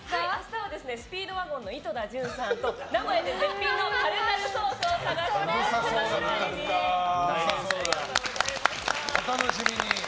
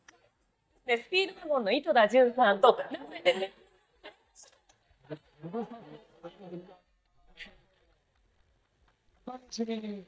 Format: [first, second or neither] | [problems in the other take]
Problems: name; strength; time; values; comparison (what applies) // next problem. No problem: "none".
first | noise reduction (neural mask model DeepFilterNet 3)